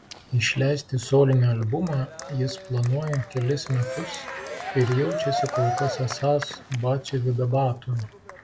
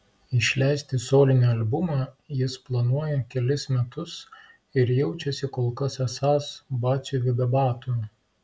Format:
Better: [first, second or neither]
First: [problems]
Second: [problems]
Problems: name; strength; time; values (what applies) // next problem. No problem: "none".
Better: second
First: background sound (Cheering); 9 dB below the speech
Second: none